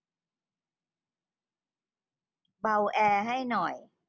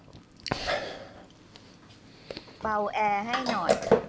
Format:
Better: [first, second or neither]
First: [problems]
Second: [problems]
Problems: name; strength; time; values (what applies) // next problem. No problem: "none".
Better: first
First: none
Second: background sound (Chewing, mastication); 2 dB above the speech